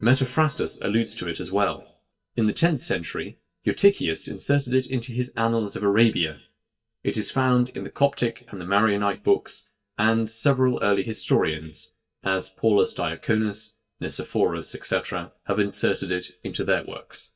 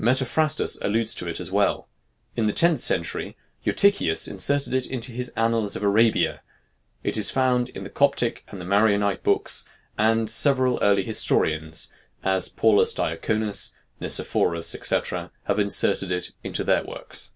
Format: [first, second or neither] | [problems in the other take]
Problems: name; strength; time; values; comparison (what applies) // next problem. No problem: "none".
second | noise reduction (neural mask model DeepFilterNet 3)